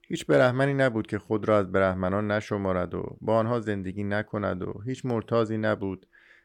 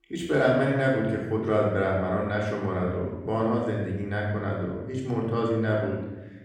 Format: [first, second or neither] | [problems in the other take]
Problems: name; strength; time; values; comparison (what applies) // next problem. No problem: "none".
first | off-mic speech; far // room echo; noticeable; dies away in 1.1 s